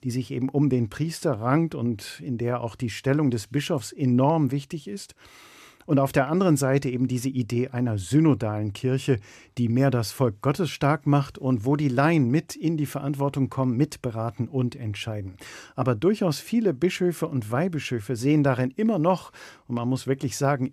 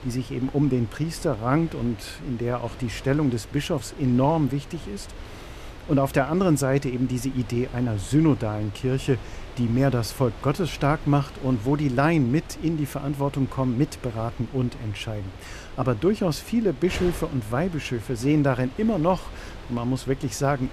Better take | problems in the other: first | wind noise on the microphone; occasional gusts; 15 dB below the speech

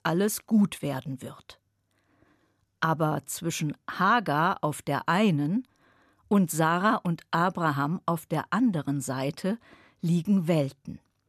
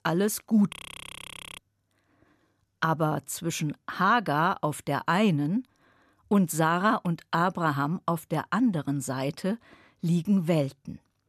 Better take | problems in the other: first | audio freezing; at 0.5 s for 1 s

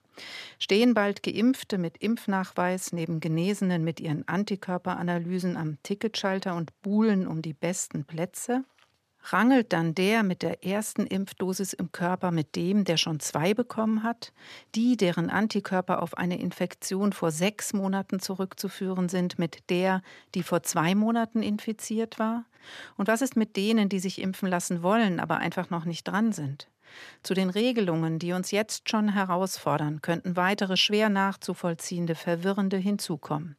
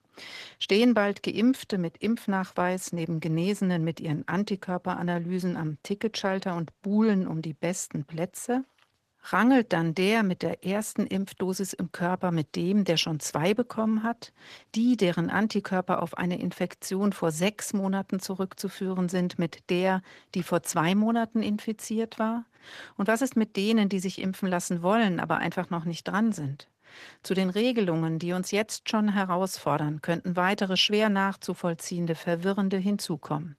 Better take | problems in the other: first | garbled, watery; slightly; nothing above 14.5 kHz

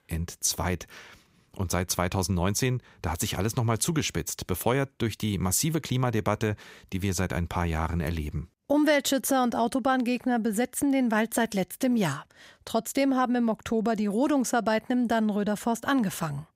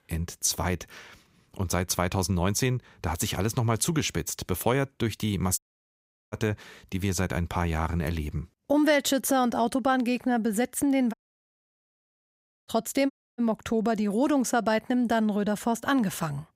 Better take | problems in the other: first | audio cutting out; at 5.5 s for 0.5 s, at 11 s for 1.5 s and at 13 s

